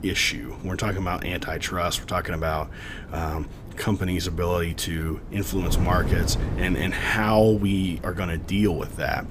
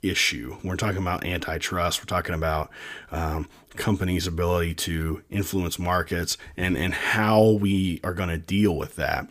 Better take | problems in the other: second | wind noise on the microphone; occasional gusts; 15 dB below the speech

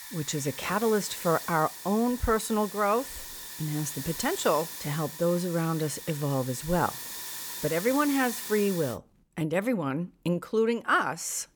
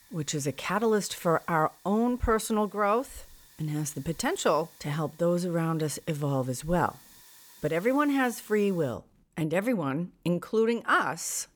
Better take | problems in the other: second | hiss; loud; until 9 s; 9 dB below the speech; faint in the second

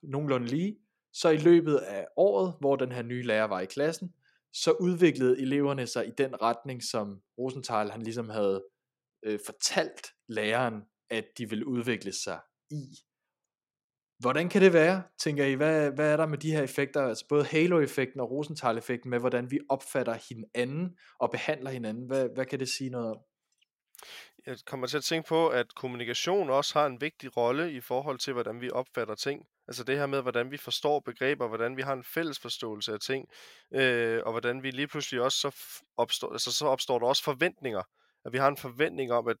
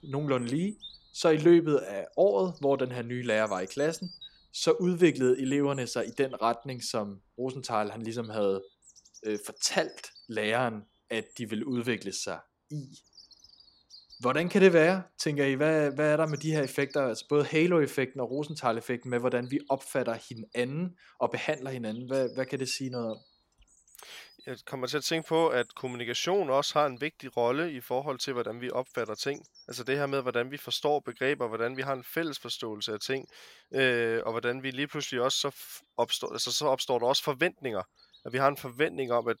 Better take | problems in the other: first | animal sounds; faint; throughout; 25 dB below the speech

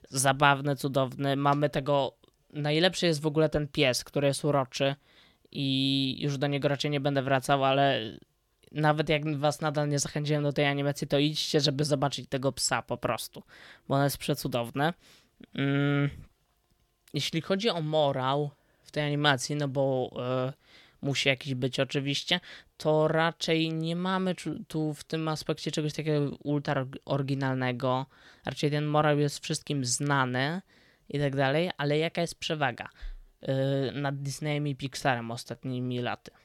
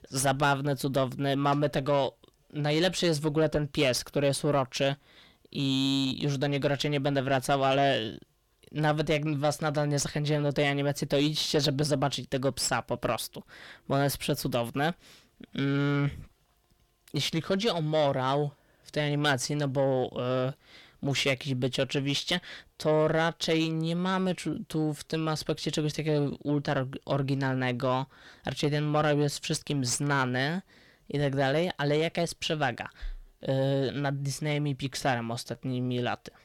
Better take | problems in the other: first | distortion; slight; 10 dB below the speech

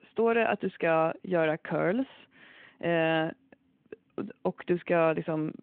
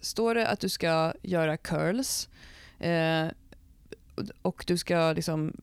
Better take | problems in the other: second | phone-call audio

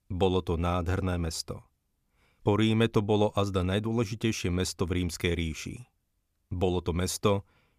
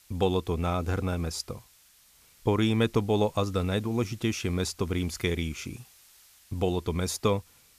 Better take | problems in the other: first | hiss; faint; throughout; 25 dB below the speech

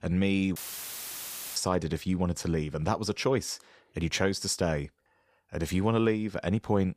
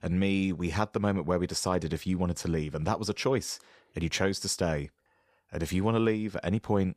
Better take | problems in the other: second | audio cutting out; filled with static; at 0.5 s for 1 s

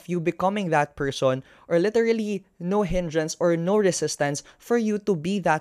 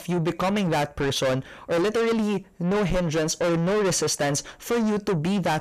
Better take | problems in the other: first | distortion; heavy; 6 dB below the speech

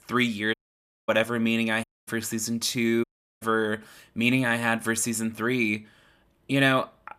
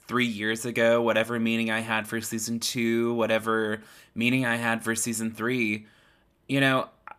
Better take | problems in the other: second | audio cutting out; at 0.5 s for 0.5 s, at 2 s and at 3 s

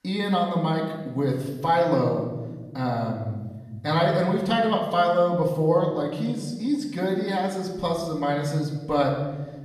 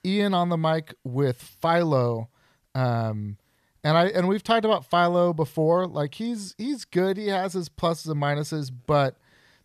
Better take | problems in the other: second | room echo; noticeable; dies away in 1.3 s // off-mic speech; far

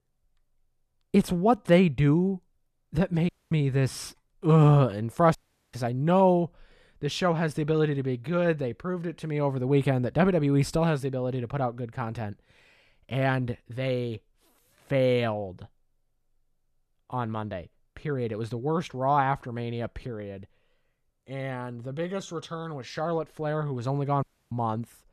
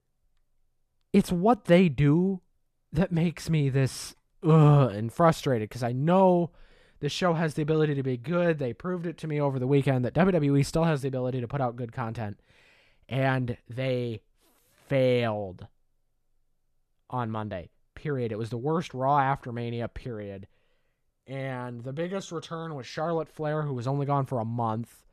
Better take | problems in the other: second | audio cutting out; at 3.5 s, at 5.5 s and at 24 s

